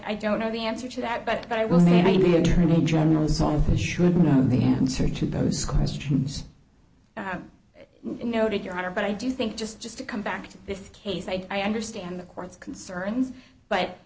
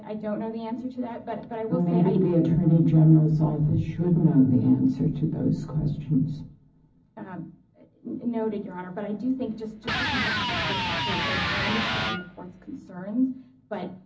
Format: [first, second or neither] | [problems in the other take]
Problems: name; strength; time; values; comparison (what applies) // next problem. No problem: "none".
first | background sound (Electric guitar); 3 dB below the speech // room echo; dies away in 0.4 s